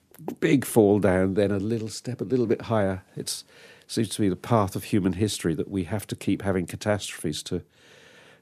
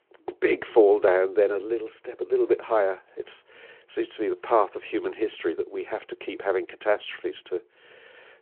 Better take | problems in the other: first | phone-call audio

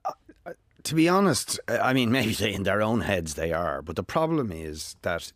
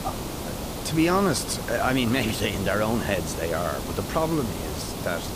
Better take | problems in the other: first | hiss; loud; throughout; 6 dB below the speech

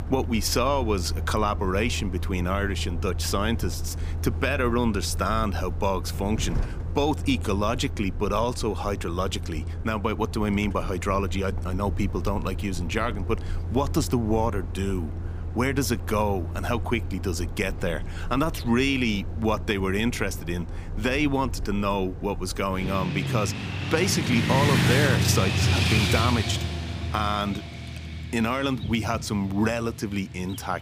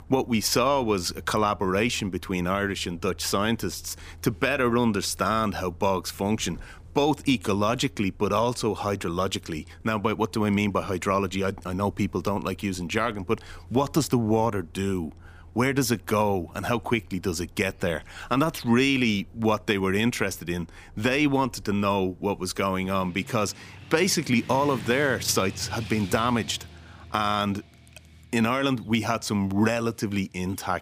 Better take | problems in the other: second | traffic noise; loud; throughout; 3 dB below the speech; faint in the second

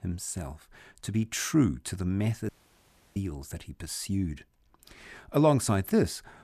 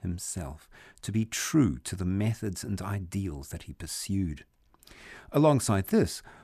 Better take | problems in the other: second | audio cutting out; at 2.5 s for 0.5 s

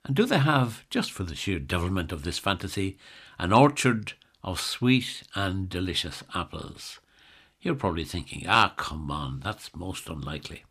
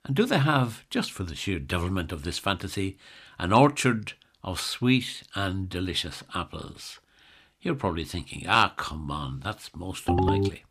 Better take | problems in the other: first | phone ringing; loud; at 10 s; peak 3 dB above the speech

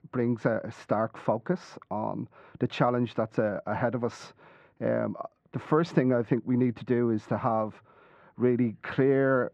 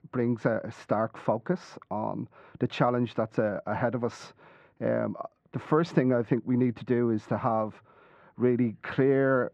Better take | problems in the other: neither | muffled; very; fading above 1.5 kHz; the same in both

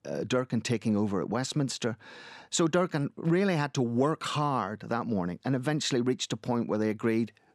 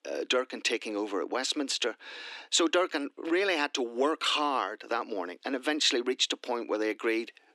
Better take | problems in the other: first | thin; somewhat; fading below 300 Hz

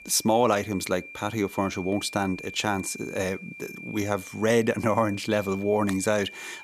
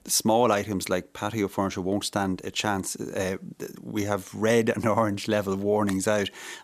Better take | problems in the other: second | high-pitched whine; noticeable; throughout; 2.5 kHz, 15 dB below the speech

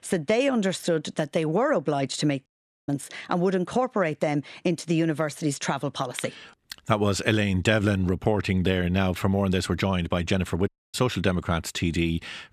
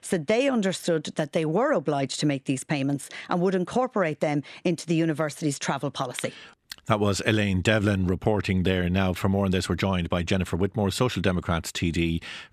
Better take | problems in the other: second | audio cutting out; at 2.5 s and at 11 s

